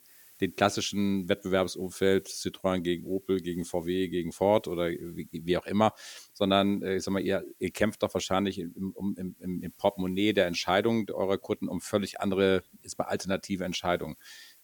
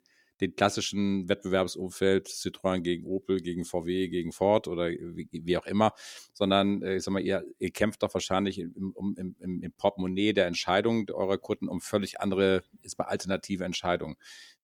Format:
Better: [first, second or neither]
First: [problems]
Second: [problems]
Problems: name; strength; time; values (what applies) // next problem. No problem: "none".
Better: second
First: hiss; faint; throughout; 25 dB below the speech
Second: none